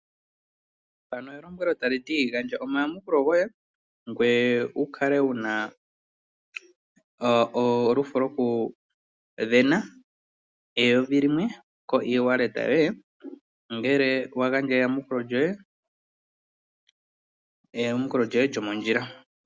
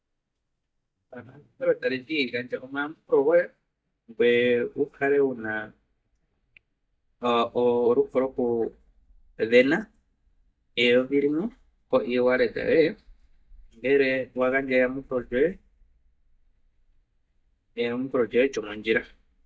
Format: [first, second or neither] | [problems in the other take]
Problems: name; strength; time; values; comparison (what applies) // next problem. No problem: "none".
first | noise reduction (neural mask model DeepFilterNet 3)